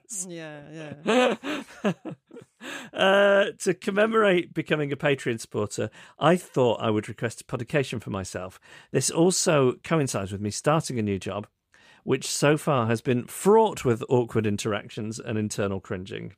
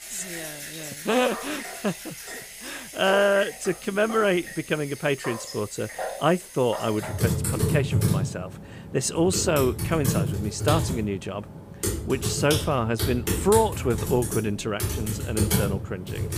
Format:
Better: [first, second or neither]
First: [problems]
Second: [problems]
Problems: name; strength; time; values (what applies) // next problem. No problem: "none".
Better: first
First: none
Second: household noises; loud; throughout; 4 dB below the speech